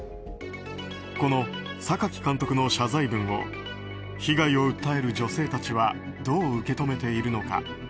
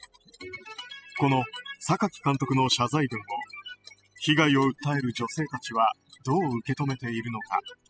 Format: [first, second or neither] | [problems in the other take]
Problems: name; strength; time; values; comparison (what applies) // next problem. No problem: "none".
first | noise reduction (classical method spectral subtraction)